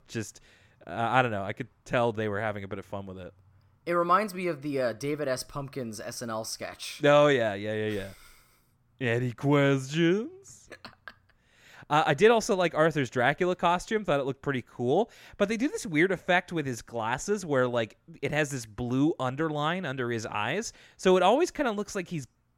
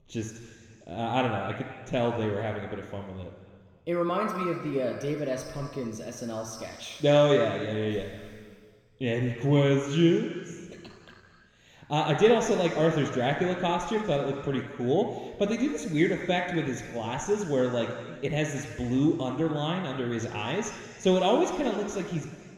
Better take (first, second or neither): first